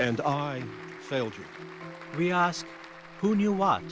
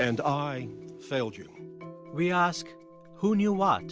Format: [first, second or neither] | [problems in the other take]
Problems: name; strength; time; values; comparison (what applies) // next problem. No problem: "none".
second | background sound (Applause / Crowd); 18 dB below the speech